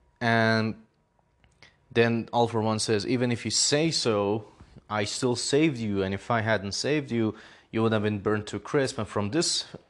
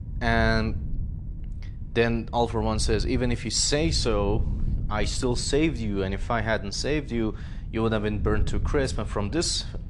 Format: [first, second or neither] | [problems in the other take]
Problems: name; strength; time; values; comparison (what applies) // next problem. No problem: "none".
first | wind noise on the microphone; occasional gusts; 20 dB below the speech